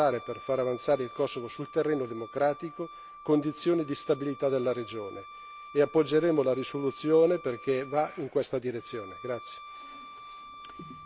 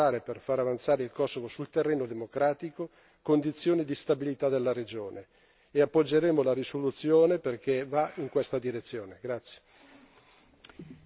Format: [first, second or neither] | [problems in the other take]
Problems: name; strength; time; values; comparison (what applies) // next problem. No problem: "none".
second | background sound (Wind instrument, woodwind instrument); 17 dB below the speech